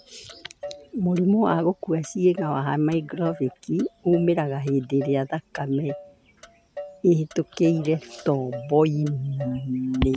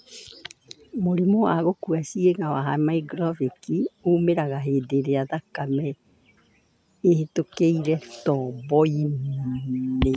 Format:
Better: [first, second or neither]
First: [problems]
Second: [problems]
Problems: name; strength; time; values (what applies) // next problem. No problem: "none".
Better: second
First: background sound (Motor vehicle (road)); 17 dB below the speech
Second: none